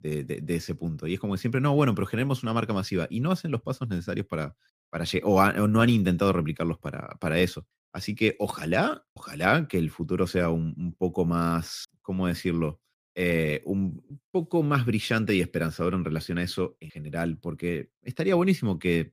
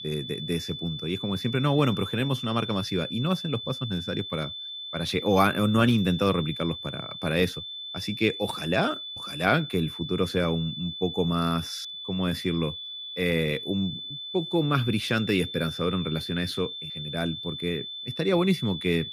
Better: first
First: none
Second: high-pitched whine; loud; throughout; 3.5 kHz, 7 dB below the speech

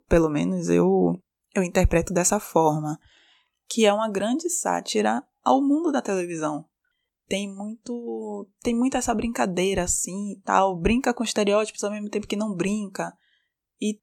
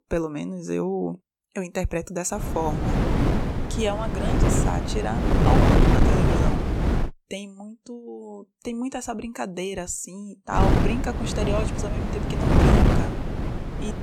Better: first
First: none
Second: wind noise on the microphone; heavy; from 2.5 to 7 s and from 11 s on; 3 dB above the speech

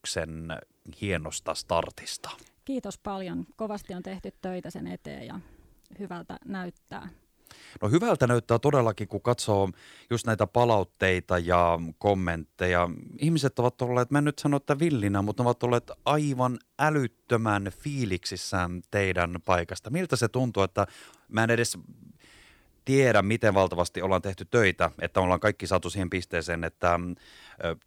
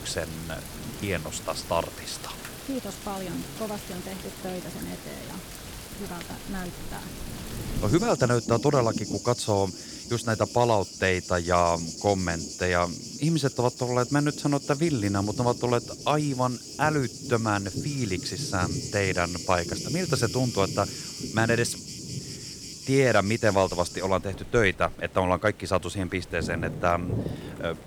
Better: first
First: none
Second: rain or running water; loud; throughout; 9 dB below the speech

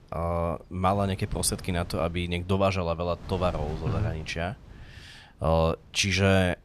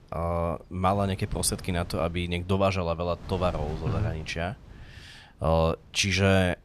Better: neither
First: wind noise on the microphone; occasional gusts; 20 dB below the speech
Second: wind noise on the microphone; occasional gusts; 20 dB below the speech

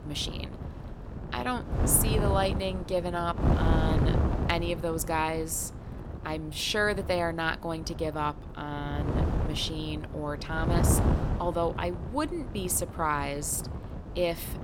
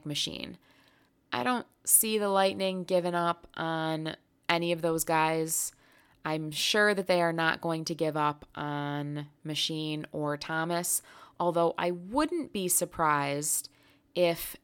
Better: second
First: wind noise on the microphone; heavy; 8 dB below the speech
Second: none

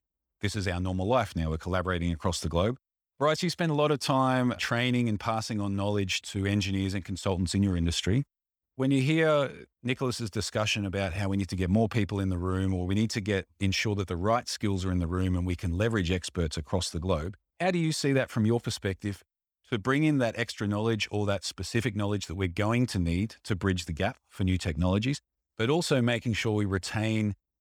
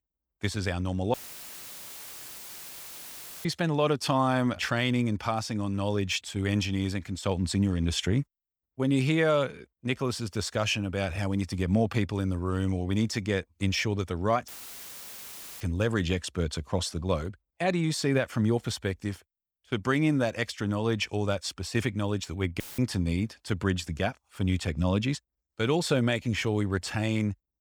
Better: first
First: none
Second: audio cutting out; filled with static; at 1 s for 2.5 s, at 14 s for 1 s and at 23 s

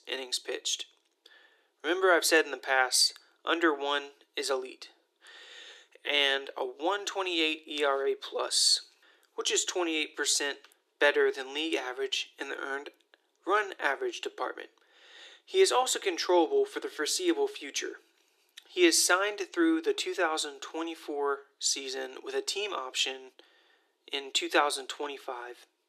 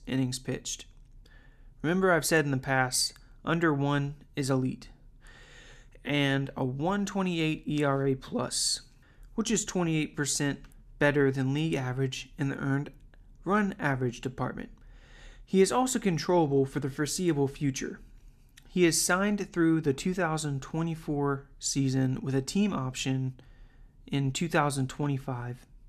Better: second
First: thin; very; fading below 350 Hz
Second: none

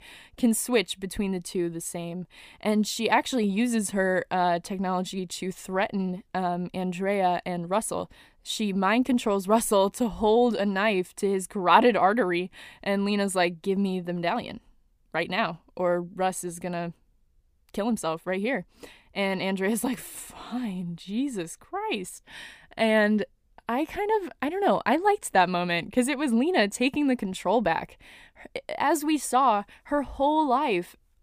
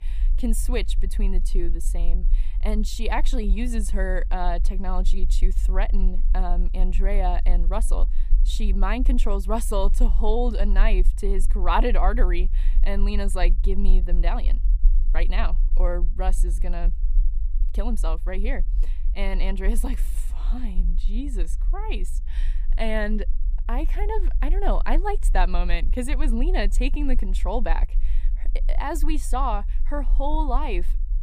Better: first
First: none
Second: low rumble; faint; throughout; 20 dB below the speech

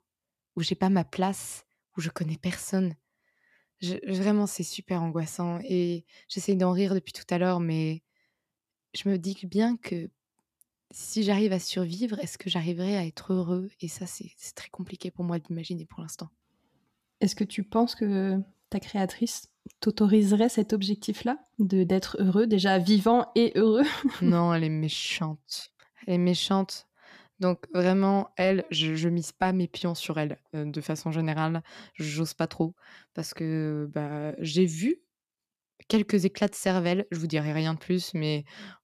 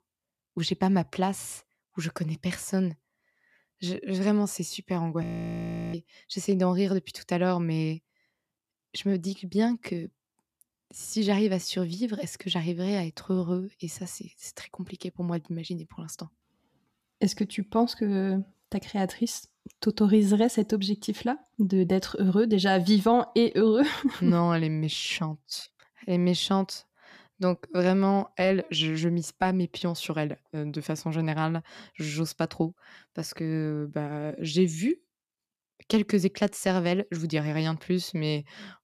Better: first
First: none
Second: audio freezing; at 5 s for 0.5 s

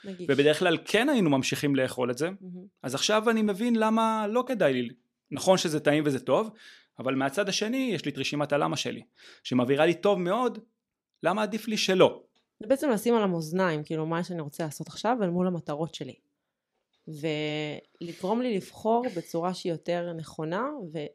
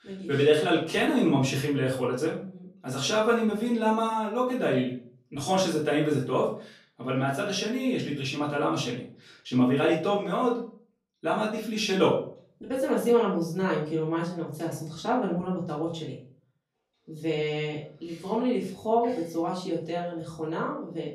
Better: first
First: none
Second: off-mic speech; far // room echo; slight; dies away in 0.4 s

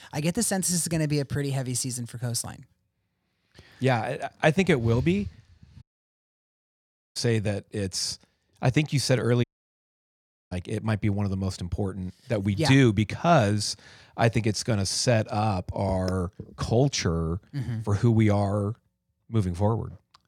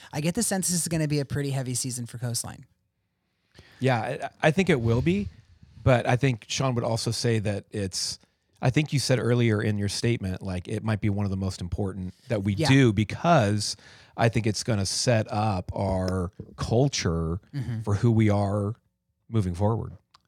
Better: second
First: audio cutting out; at 6 s for 1.5 s and at 9.5 s for 1 s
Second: none

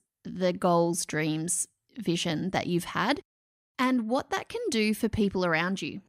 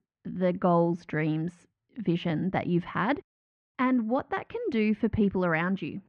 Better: first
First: none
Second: muffled; very; fading above 2.5 kHz

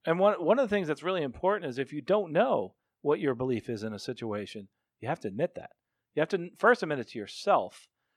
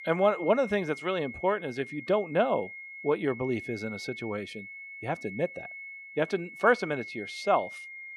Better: first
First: none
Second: high-pitched whine; noticeable; throughout; 2 kHz, 10 dB below the speech

